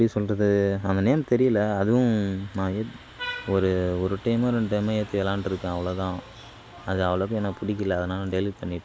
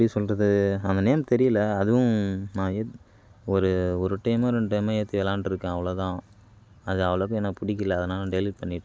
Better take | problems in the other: second | background sound (Vehicle horn, car horn, honking); 19 dB below the speech

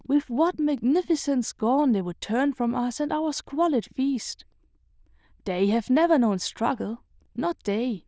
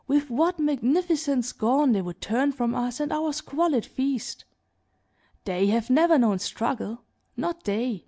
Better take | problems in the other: second | noise reduction (neural diffusion model UNIVERSE++)

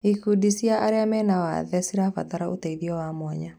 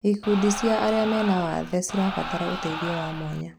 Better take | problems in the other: first | background sound (Crowd); 8 dB below the speech

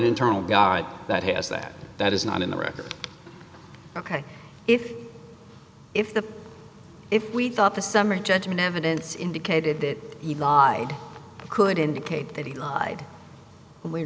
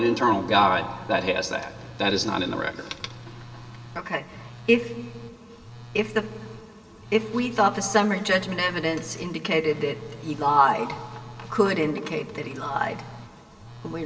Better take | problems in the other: first | background sound (Telephone); 18 dB below the speech // room echo; dies away in 2 s

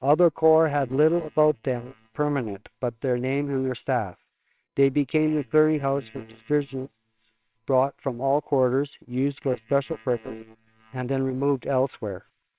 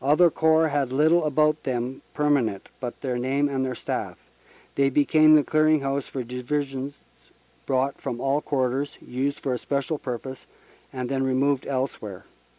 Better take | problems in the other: second | noise reduction (neural separator model SepFormer WHAMR!)

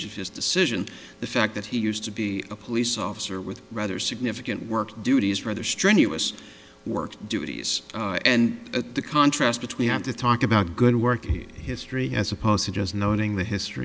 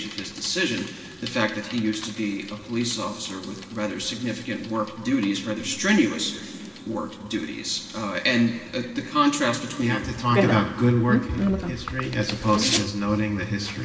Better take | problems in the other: first | background sound (Bicycle); 7 dB below the speech // room echo; dies away in 2.7 s

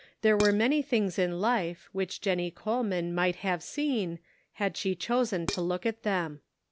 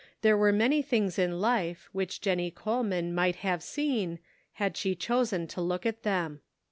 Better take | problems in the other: second | background sound (Dishes, pots, and pans); 11 dB below the speech

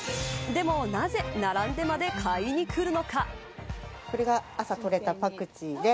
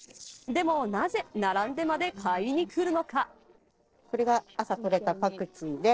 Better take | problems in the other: first | noise reduction (neural separator model SepFormer DNS4)

